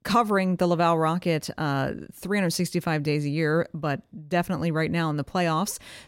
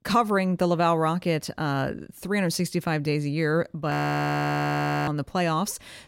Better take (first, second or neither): first